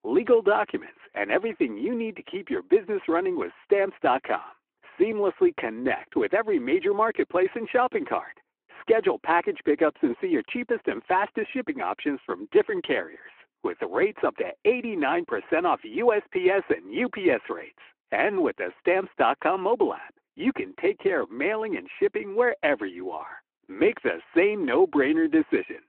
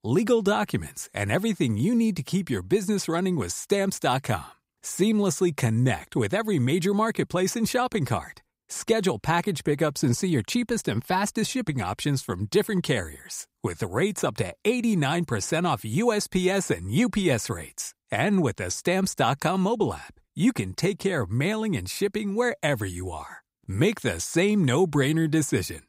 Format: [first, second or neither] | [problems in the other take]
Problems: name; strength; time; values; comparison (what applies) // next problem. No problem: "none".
second | phone-call audio